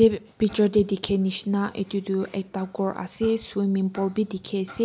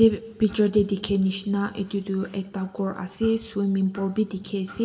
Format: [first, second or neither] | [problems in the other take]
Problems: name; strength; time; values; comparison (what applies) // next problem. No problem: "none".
first | room echo; dies away in 1.6 s